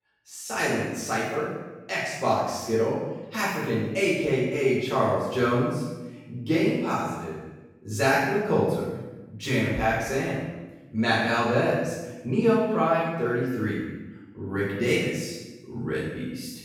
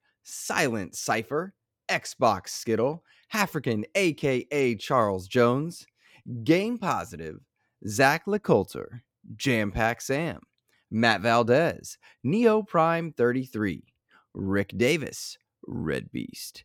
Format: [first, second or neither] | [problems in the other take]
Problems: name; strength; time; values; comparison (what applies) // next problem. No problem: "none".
second | off-mic speech; far // room echo; strong; dies away in 0.9 s